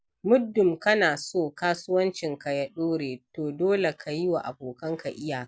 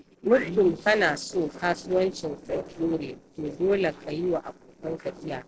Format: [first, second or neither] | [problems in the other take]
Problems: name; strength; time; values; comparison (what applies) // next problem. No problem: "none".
first | noise reduction (neural separator model SepFormer DNS4)